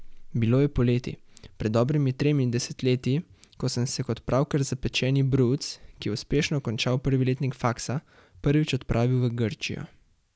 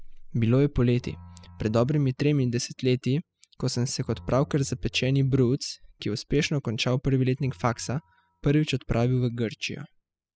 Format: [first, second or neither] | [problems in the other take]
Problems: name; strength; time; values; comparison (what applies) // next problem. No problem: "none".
first | noise reduction (classical method spectral subtraction)